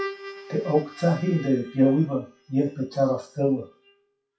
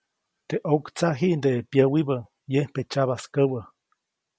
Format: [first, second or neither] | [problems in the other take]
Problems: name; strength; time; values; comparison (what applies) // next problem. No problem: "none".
second | noise reduction (classical method WPE with log-MMSE)